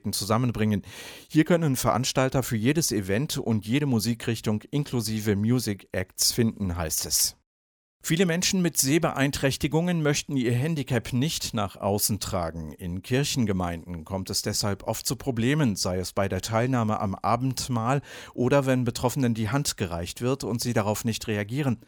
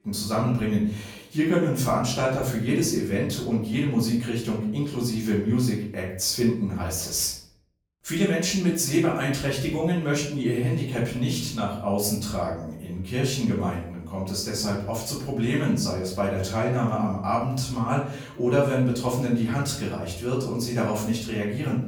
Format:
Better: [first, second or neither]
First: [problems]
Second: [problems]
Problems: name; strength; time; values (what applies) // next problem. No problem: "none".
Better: first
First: none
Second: off-mic speech; far // room echo; noticeable; dies away in 0.5 s